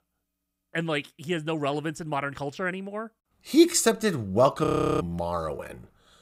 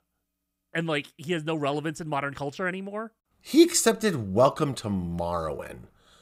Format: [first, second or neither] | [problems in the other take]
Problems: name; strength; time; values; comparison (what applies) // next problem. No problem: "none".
second | audio freezing; at 4.5 s